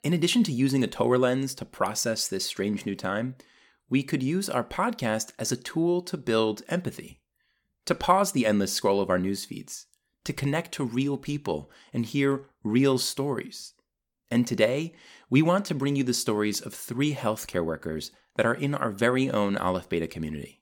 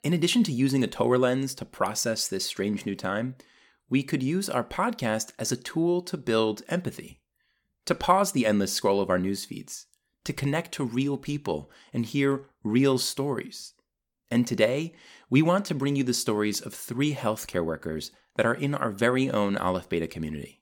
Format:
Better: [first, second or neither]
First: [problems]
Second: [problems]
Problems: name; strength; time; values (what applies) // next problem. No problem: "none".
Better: neither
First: none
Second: none